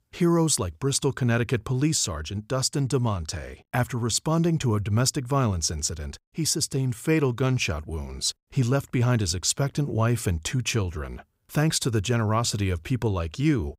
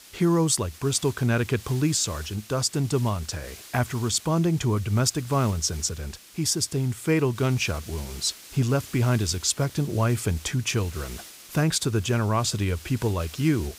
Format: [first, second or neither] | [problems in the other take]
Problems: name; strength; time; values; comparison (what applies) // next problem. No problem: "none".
first | hiss; noticeable; throughout; 20 dB below the speech